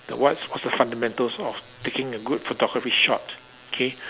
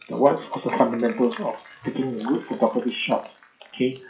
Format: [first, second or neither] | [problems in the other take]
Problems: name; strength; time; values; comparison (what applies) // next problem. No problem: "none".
first | noise reduction (classical method WPE with log-MMSE)